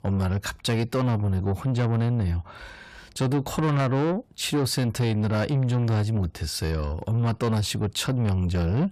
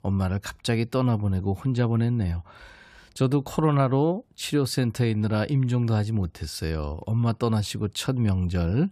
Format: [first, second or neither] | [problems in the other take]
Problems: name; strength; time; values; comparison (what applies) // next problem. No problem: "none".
second | distortion; slight; 10 dB below the speech